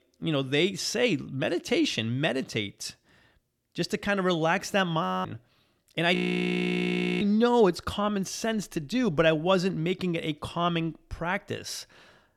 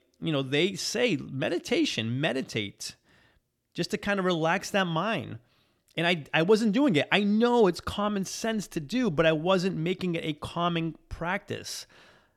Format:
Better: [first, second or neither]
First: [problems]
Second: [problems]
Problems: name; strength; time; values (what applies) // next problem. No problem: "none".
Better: second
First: audio freezing; at 5 s and at 6 s for 1 s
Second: none